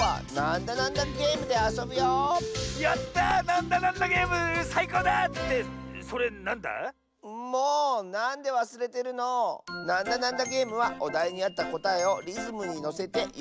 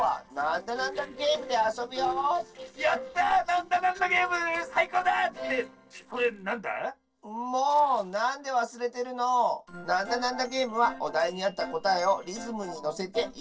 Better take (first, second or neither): first